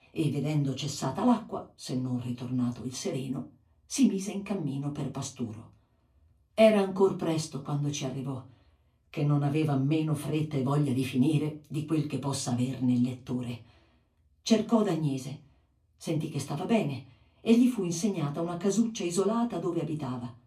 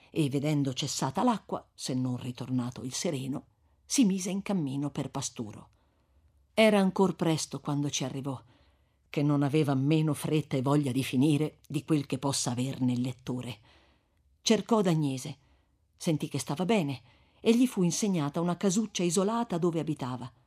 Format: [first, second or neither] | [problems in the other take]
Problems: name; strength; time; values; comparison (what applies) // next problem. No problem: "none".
second | off-mic speech; far // room echo; very slight; dies away in 0.2 s